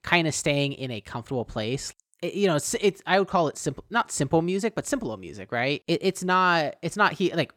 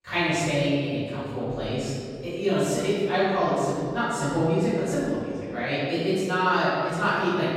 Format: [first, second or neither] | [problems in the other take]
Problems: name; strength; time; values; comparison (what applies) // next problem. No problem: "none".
first | room echo; strong; dies away in 2.1 s // off-mic speech; far